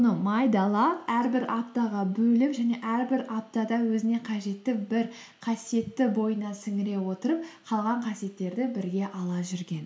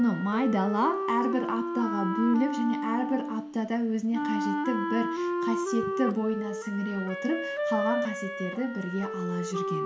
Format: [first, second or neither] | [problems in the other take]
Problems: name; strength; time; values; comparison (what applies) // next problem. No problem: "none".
first | background sound (Wind instrument, woodwind instrument); 3 dB below the speech